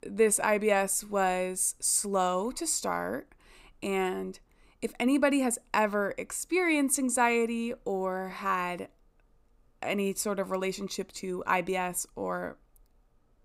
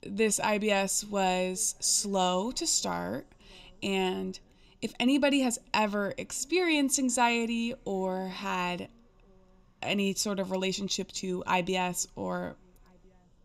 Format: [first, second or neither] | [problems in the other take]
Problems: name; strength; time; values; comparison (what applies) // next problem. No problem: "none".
first | room echo; slight; dies away in 3 s